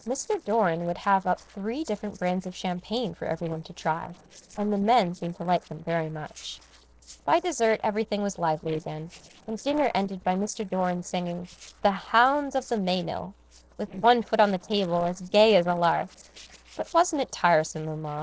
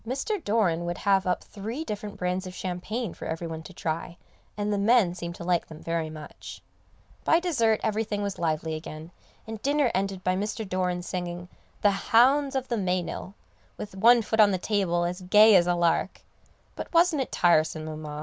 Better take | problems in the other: second | noise reduction (neural separator model SepFormer DNS4)

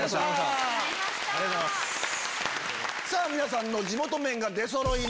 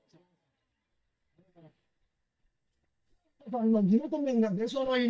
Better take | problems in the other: first | noise reduction (neural mask model DeepFilterNet 3)

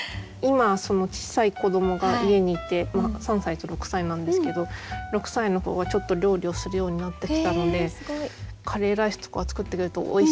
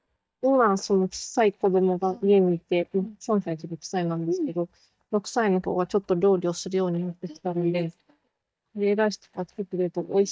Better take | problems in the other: first | noise reduction (neural mask model DeepFilterNet 3)

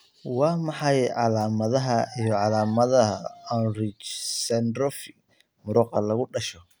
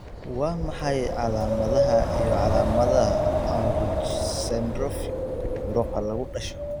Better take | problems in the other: first | background sound (Wind); 3 dB above the speech

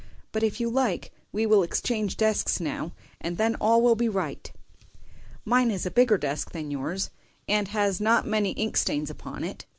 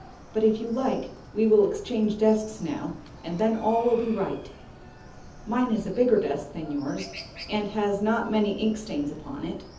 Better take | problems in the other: first | background sound (Chicken, rooster); 19 dB below the speech // room echo; dies away in 0.7 s

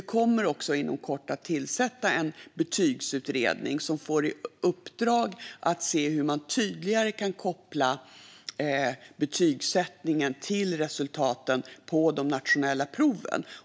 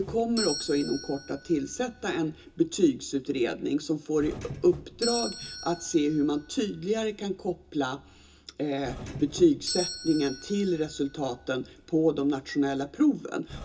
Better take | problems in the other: first | background sound (Doorbell); 13 dB below the speech // room echo; dies away in 0.2 s

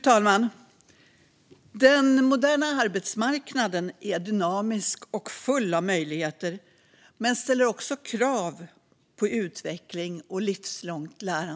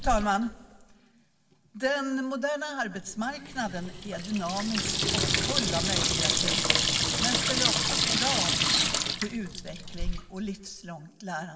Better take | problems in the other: first | background sound (Sink (filling or washing) / Water tap, faucet); 4 dB above the speech // room echo; dies away in 2.4 s

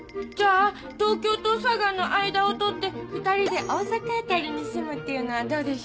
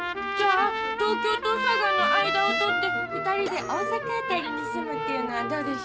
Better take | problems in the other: first | background sound (Trumpet); as loud as the speech

